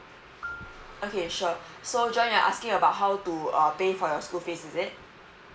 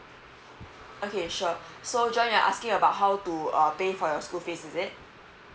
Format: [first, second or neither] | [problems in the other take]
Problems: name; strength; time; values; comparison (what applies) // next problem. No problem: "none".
second | background sound (Marimba, xylophone); 18 dB below the speech // room echo; dies away in 0.2 s